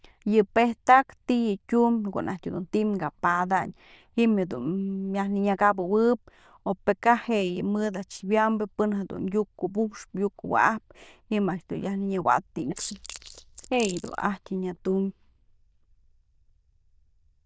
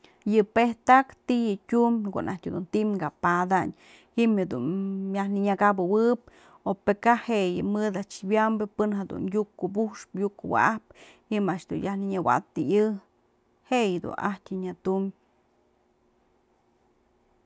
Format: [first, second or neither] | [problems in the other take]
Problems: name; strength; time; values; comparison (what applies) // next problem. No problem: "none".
second | noise reduction (neural diffusion model UNIVERSE++)